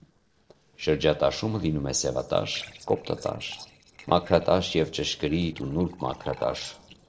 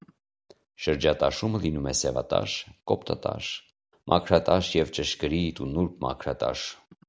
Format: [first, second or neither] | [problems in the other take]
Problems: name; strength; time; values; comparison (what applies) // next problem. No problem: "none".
second | noise reduction (neural separator model SepFormer DNS4)